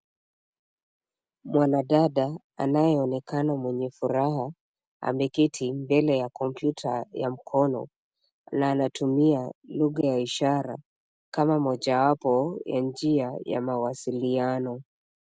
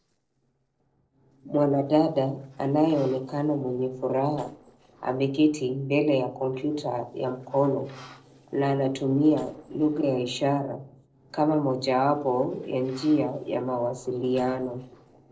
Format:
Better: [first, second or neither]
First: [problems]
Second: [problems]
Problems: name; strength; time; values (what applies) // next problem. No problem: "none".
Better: first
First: none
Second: noise reduction (neural separator model SepFormer DNS4)